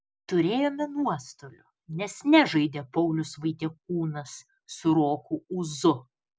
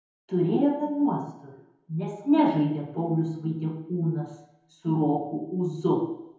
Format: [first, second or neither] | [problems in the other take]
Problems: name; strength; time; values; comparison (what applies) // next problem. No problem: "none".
first | room echo; dies away in 0.9 s